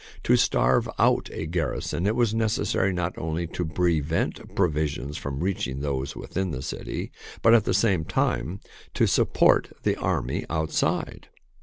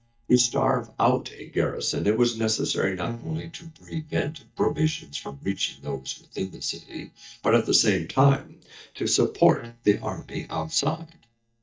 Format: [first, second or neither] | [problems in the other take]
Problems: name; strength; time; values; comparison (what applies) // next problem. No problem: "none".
first | noise reduction (neural mask model DeepFilterNet 3)